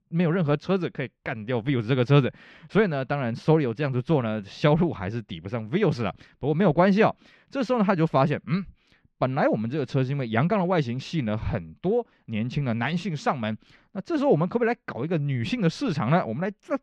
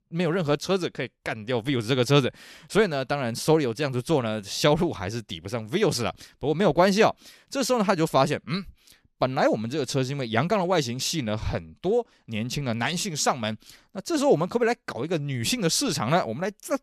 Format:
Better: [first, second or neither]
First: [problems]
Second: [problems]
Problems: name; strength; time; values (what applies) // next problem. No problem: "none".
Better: second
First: muffled; slightly; fading above 2.5 kHz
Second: none